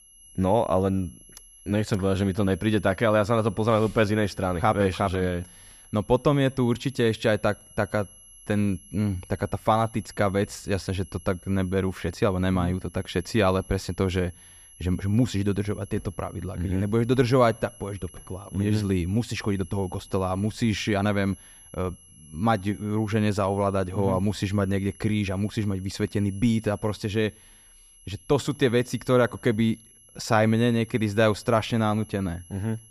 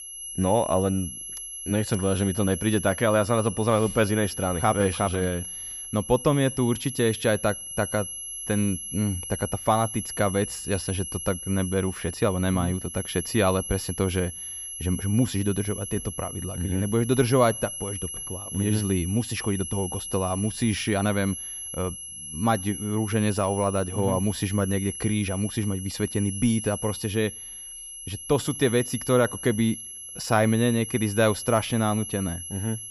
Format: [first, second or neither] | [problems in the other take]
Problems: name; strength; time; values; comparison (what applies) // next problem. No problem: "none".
first | high-pitched whine; loud; throughout; 11 kHz, 8 dB below the speech; faint in the first